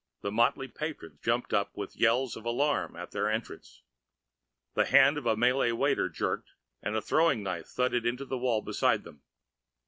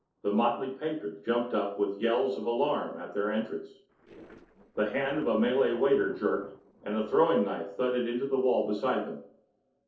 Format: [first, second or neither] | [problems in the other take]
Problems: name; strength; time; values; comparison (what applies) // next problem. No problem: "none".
first | noise reduction (neural separator model SepFormer DNS4)